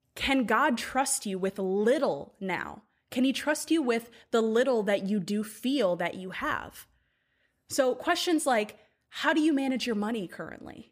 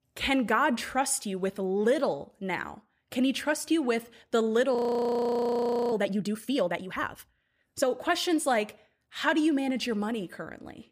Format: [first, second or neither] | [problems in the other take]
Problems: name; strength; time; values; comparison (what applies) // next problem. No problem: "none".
first | audio freezing; at 5 s for 1 s